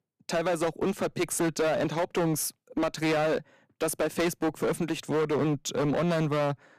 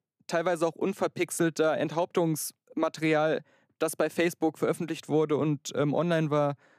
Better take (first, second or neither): second